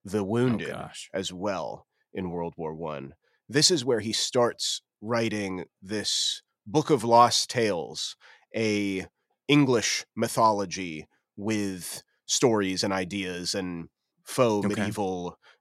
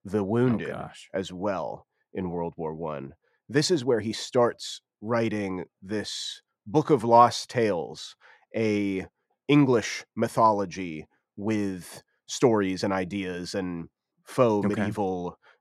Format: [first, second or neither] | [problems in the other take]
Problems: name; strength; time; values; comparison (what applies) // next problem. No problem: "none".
first | muffled; slightly; fading above 2.5 kHz